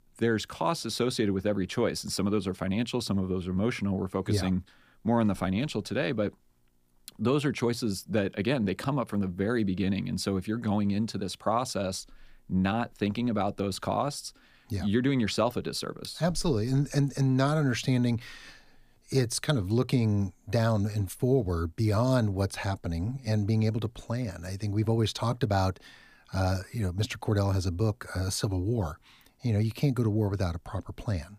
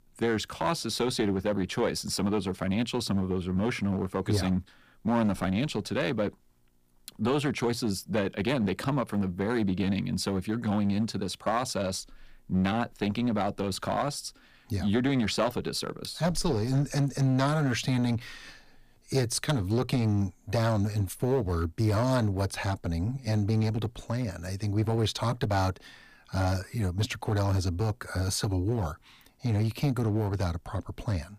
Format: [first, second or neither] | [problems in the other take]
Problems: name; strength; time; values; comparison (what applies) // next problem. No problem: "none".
first | distortion; slight; 6% of the sound clipped